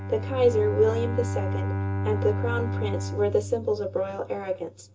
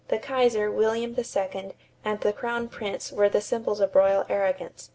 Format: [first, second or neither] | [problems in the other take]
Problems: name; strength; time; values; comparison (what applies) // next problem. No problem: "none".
second | background sound (Bowed string instrument); 3 dB below the speech // room echo; dies away in 0.2 s